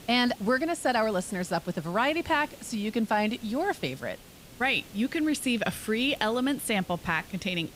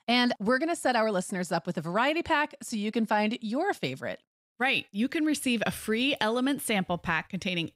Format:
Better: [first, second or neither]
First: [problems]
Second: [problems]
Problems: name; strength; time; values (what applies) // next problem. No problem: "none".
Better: second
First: hiss; faint; throughout; 20 dB below the speech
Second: none